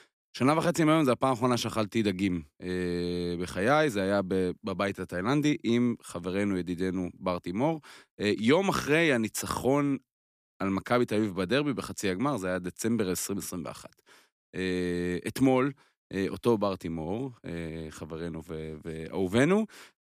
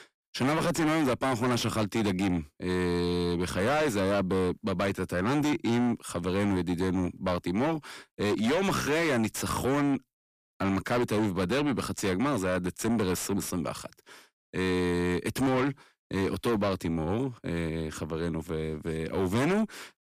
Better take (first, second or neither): first